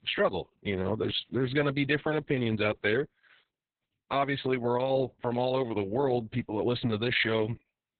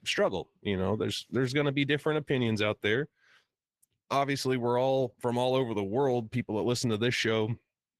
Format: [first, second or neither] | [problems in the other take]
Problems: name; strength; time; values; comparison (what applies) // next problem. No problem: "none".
second | garbled, watery; badly; nothing above 4 kHz; slightly in the second